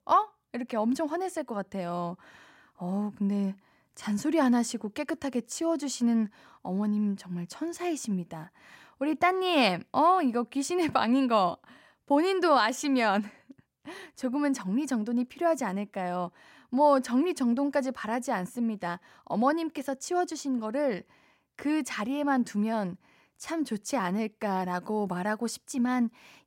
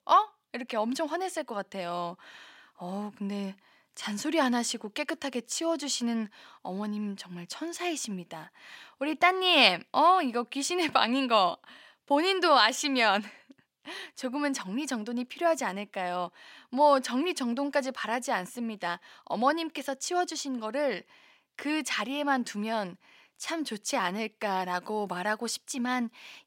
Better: first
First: none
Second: thin; very slightly; fading below 450 Hz

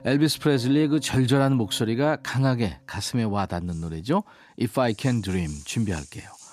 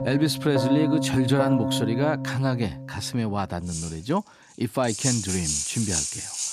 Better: first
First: background music; faint; throughout; 20 dB below the speech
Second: background music; loud; throughout; 2 dB below the speech

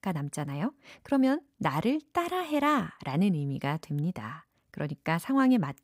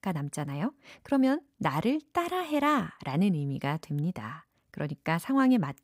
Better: neither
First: none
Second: none

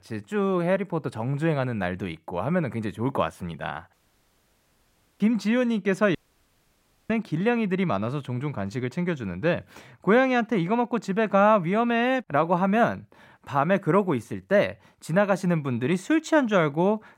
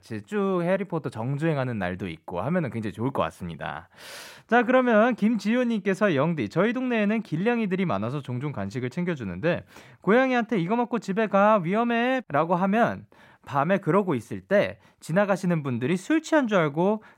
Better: second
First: audio cutting out; at 4 s for 1.5 s and at 6 s for 1 s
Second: none

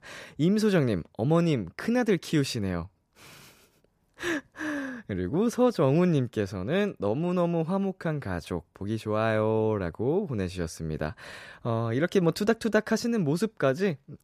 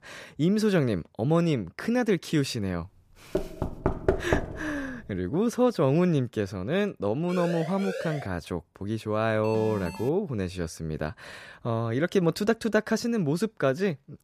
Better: first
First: none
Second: door banging; loud; from 3.5 to 4.5 s; peak 1 dB above the speech // siren; noticeable; at 7.5 s; peak 7 dB below the speech // alarm; noticeable; at 9.5 s; peak 10 dB below the speech

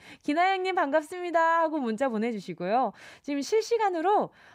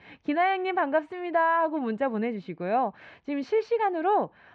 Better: first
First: none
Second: muffled; slightly; fading above 3 kHz

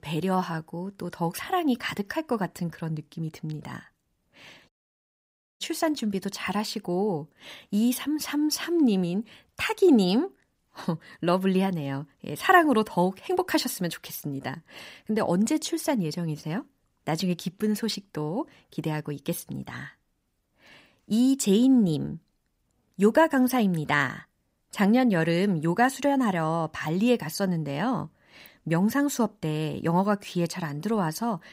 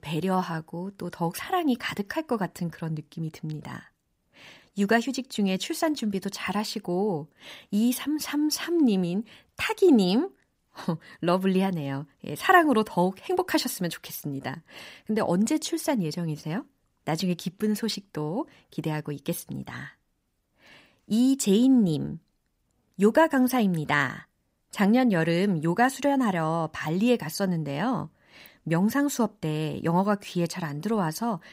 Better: second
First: audio cutting out; at 4.5 s for 1 s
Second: none

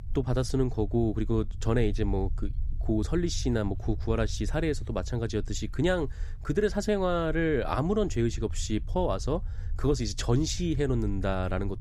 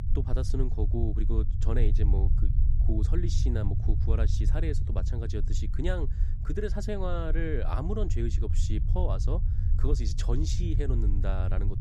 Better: first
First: low rumble; faint; throughout; 25 dB below the speech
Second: low rumble; loud; throughout; 8 dB below the speech

